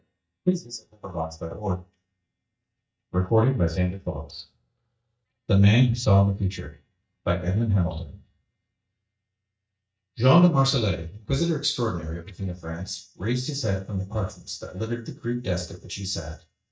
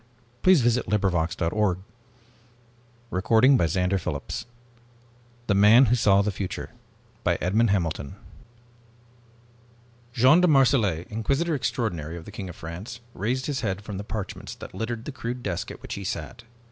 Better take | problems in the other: second | noise reduction (neural mask model DeepFilterNet 3)

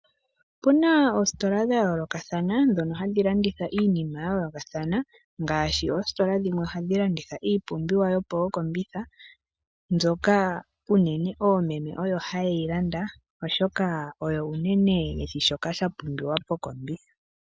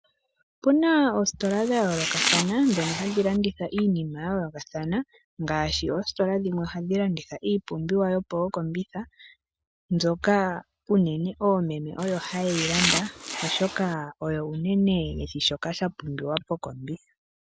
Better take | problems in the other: first | background sound (Domestic sounds, home sounds); 3 dB below the speech

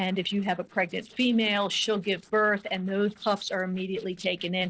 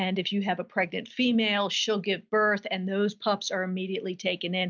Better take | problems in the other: second | noise reduction (neural separator model SepFormer DNS4)

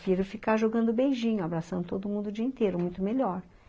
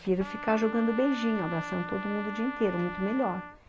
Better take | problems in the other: first | background sound (Trumpet); 9 dB below the speech

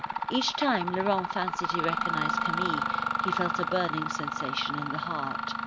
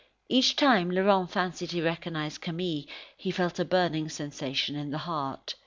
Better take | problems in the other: second | background sound (Mechanisms); 2 dB above the speech

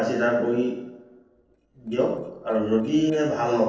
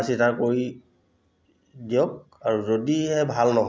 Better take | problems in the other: second | noise reduction (neural separator model SepFormer DNS4)

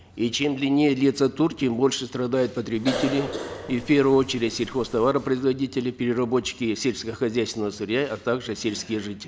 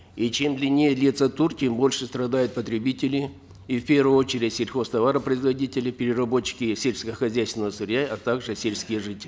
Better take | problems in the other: second | background sound (Cough); 10 dB below the speech

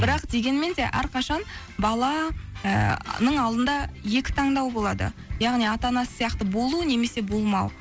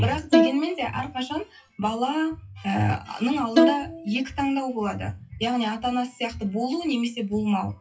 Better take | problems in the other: first | noise reduction (classical method WPE with log-MMSE)

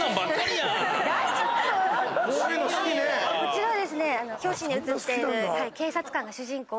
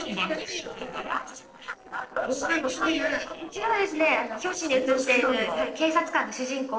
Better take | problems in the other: first | noise reduction (neural separator model SepFormer DNS4)

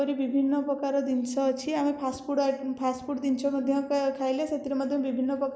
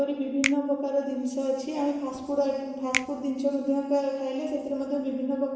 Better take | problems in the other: first | background sound (Finger snapping); 11 dB below the speech // room echo; dies away in 1.2 s

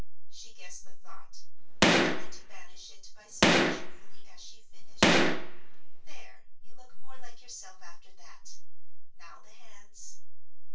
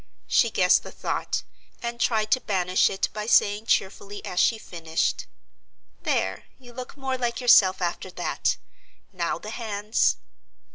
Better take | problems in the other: second | background sound (Gunshot, gunfire); as loud as the speech // room echo; dies away in 0.2 s

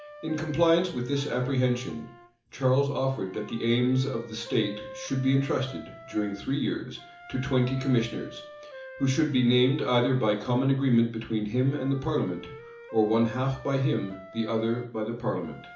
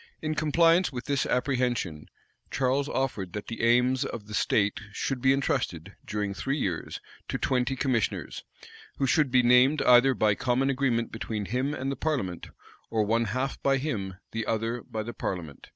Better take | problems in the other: second | background sound (Wind instrument, woodwind instrument); 18 dB below the speech // room echo; dies away in 0.7 s

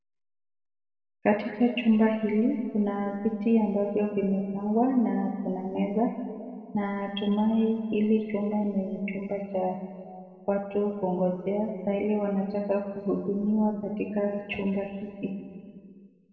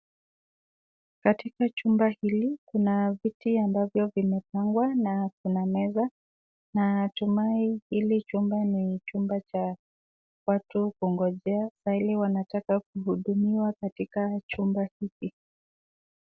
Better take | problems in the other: second | room echo; dies away in 2.2 s

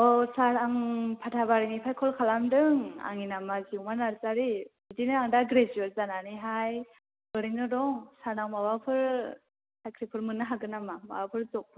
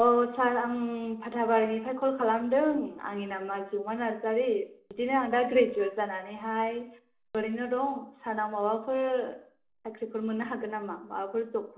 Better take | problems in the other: first | noise reduction (neural separator model SepFormer DNS4)

